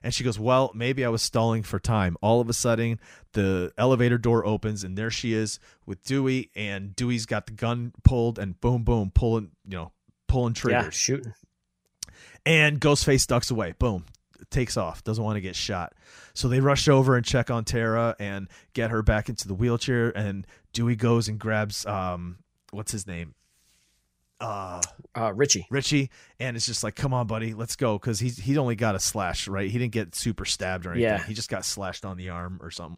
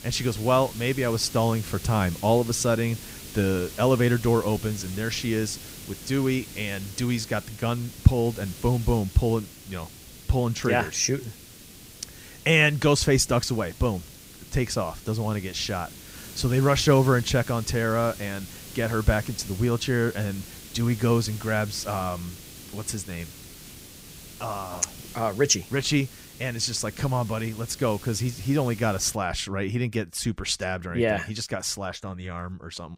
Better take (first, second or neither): first